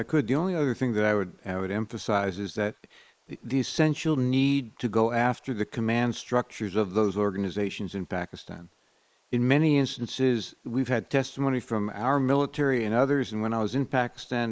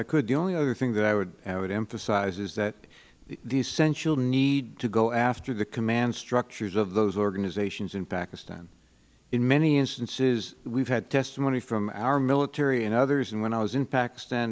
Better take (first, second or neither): second